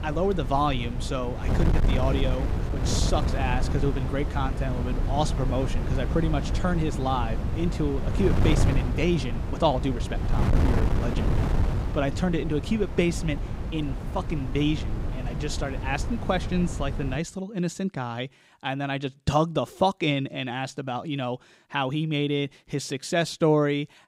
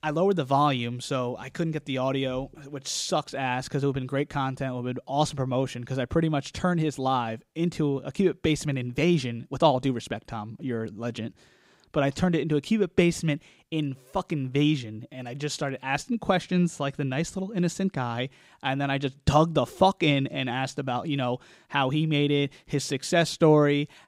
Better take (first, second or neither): second